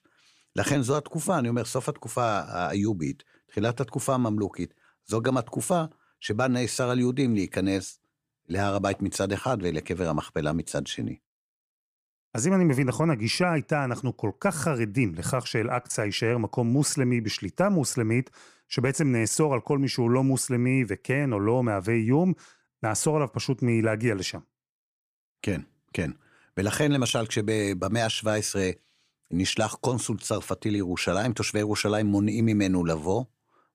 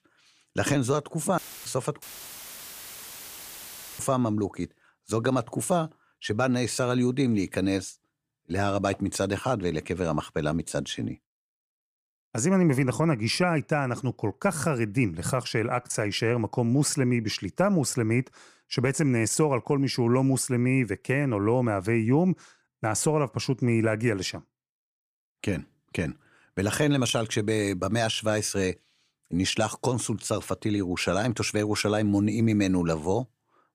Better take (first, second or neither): first